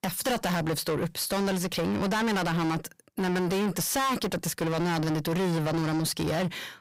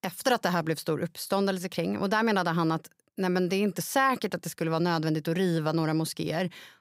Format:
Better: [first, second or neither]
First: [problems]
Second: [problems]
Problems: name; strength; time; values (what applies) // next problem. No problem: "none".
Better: second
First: distortion; heavy; 5 dB below the speech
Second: none